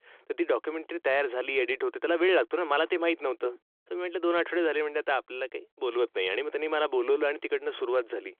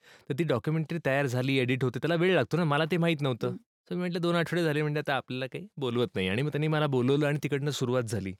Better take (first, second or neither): second